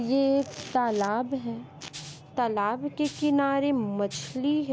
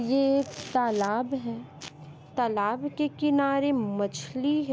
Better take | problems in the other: second | background sound (Rattle (instrument)); 17 dB below the speech

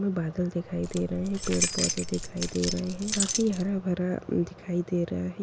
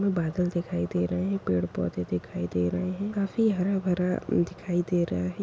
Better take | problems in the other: second | background sound (Keys jangling); 3 dB below the speech

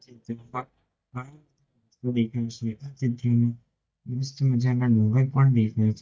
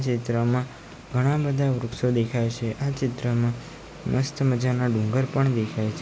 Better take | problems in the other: second | noise reduction (neural mask model DeepFilterNet 3)

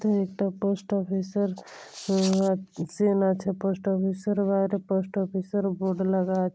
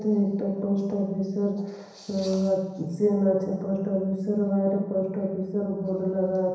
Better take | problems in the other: first | room echo; dies away in 1 s

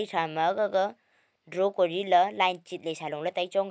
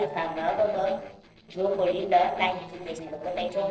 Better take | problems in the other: first | noise reduction (neural separator model SepFormer DNS4)

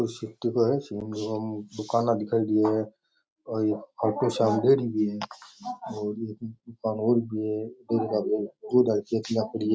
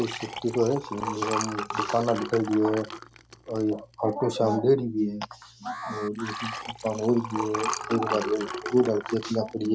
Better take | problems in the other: first | background sound (Liquid + Alarm); 8 dB below the speech

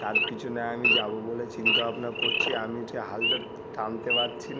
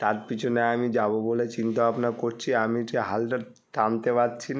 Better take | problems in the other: second | background sound (Idling / Wild animals); 4 dB above the speech

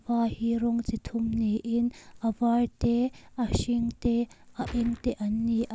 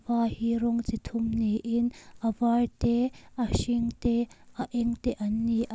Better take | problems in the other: second | background sound (Gunshot, gunfire); 12 dB below the speech

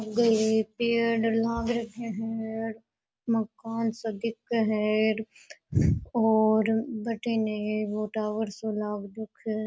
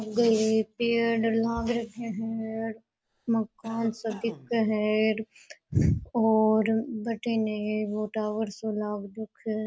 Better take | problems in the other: first | background sound (Cough); 20 dB below the speech

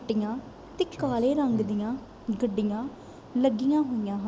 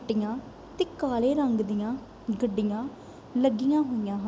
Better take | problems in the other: second | background sound (Clock); 19 dB below the speech

